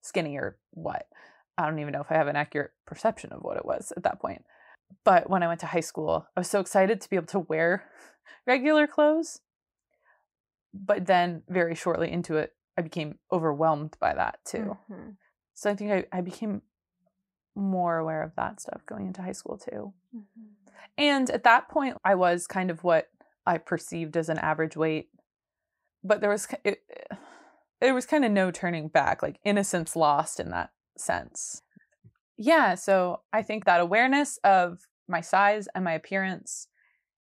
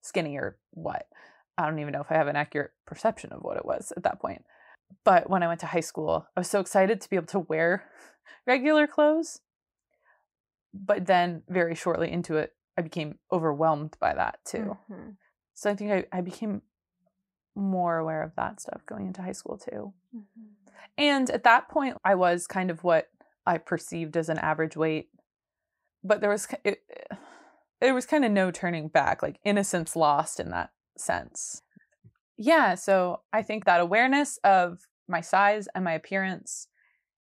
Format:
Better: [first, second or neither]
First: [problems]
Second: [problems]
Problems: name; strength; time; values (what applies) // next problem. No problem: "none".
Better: neither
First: none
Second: none